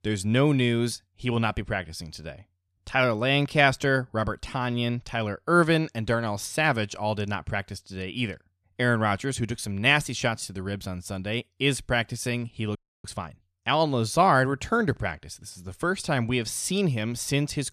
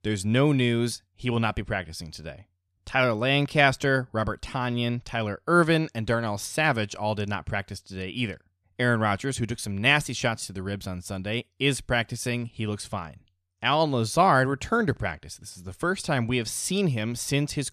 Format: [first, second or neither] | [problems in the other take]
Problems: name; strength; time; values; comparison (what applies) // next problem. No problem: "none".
second | audio freezing; at 13 s